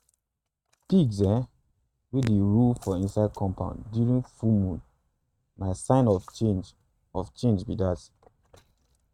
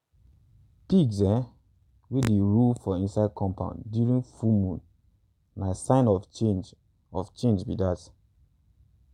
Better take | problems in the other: second | noise reduction (neural mask model RNNoise)

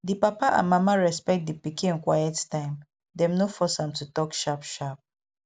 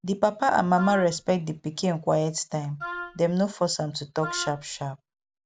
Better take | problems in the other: first | background sound (Wind instrument, woodwind instrument); 12 dB below the speech

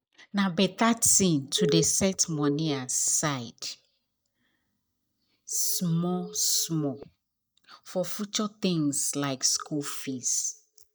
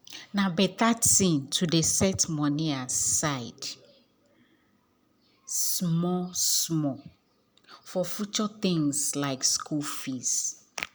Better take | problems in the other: second | noise reduction (neural mask model DeepFilterNet 3)

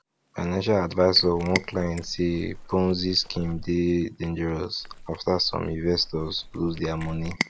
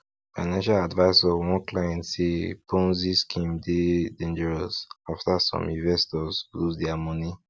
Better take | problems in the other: second | background sound (Cat + Livestock, farm animals, working animals); 13 dB below the speech

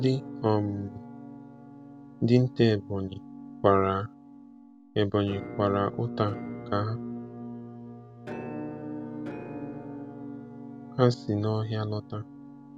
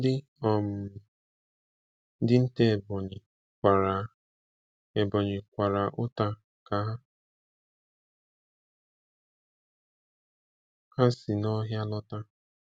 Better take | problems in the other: second | background sound (Musical instrument); 11 dB below the speech

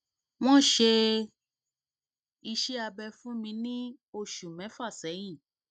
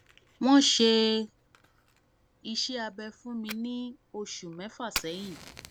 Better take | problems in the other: first | background sound (Fire); 17 dB below the speech

